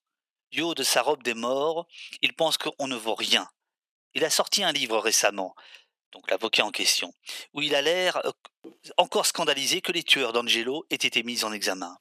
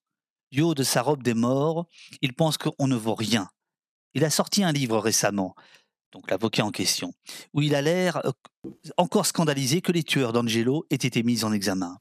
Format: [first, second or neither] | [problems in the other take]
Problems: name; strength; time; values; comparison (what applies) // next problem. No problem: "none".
second | thin; somewhat; fading below 500 Hz